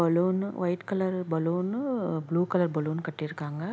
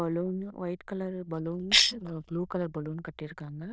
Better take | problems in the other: first | noise reduction (neural diffusion model UNIVERSE++)

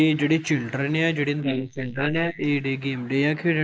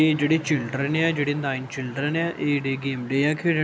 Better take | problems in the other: second | noise reduction (neural mask model Resemble Enhance denoiser)

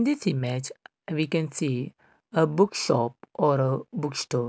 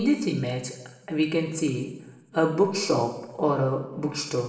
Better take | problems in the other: first | room echo; dies away in 1 s

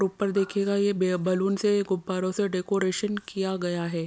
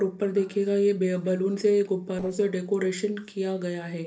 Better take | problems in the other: first | noise reduction (neural separator model SepFormer DNS4)

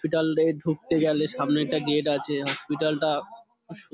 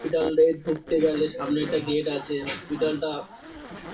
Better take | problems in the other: first | background sound (Zipper (clothing)); 15 dB below the speech // room echo; dies away in 0.2 s

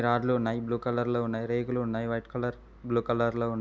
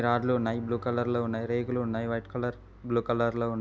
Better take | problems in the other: first | background sound (Bowed string instrument); 19 dB below the speech

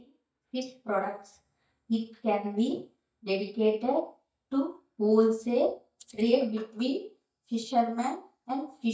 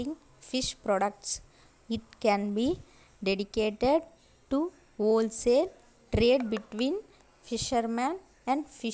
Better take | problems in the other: second | noise reduction (neural mask model DeepFilterNet 3)

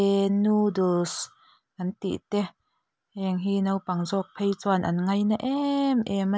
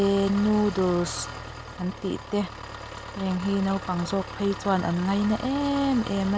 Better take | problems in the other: first | background sound (Engine); 11 dB below the speech

